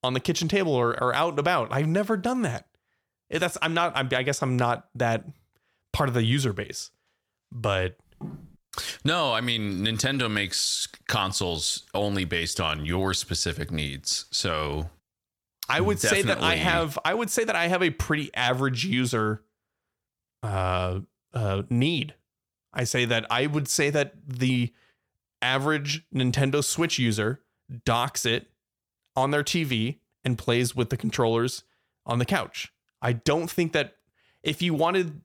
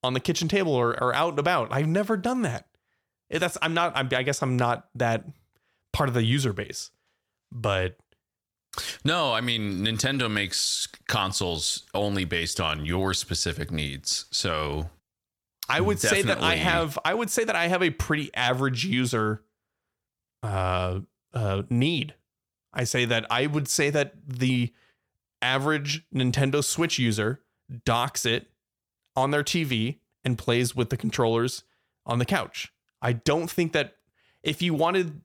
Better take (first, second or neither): second